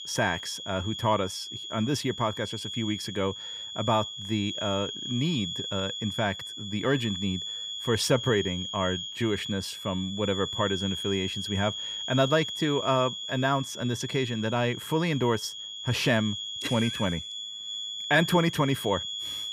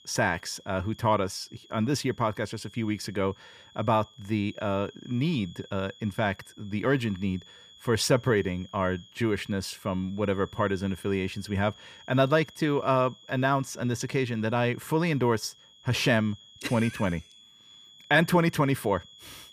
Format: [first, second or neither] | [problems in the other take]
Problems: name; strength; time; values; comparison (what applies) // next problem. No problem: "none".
second | high-pitched whine; loud; throughout; 3.5 kHz, 5 dB below the speech; faint in the second